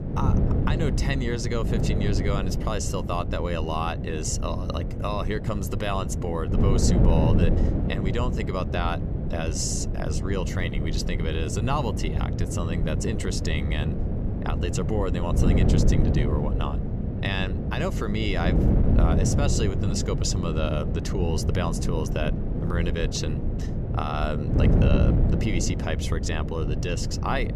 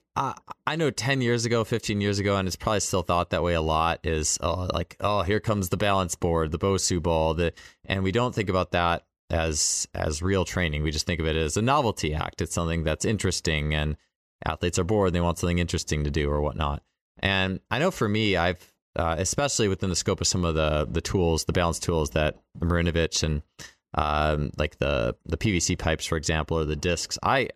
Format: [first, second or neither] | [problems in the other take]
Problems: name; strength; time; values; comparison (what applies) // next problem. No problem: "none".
second | wind noise on the microphone; heavy; 4 dB below the speech